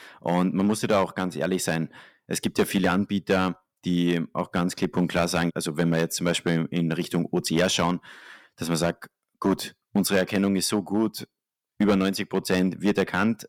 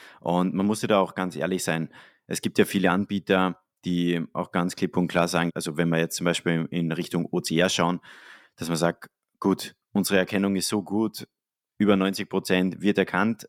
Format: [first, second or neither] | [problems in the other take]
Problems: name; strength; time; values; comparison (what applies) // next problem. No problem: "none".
second | distortion; slight; 3% of the sound clipped